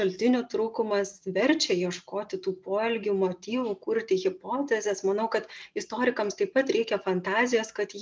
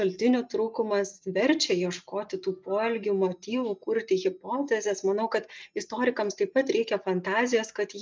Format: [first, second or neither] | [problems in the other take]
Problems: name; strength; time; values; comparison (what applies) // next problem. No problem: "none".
first | noise reduction (neural mask model DeepFilterNet 3)